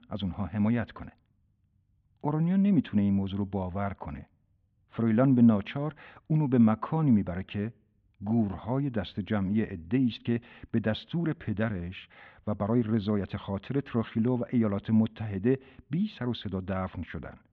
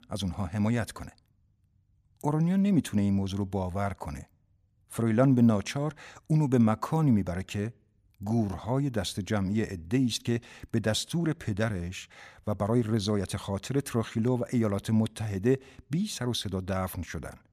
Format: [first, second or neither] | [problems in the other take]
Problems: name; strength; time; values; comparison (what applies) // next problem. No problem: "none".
second | muffled; very; fading above 3.5 kHz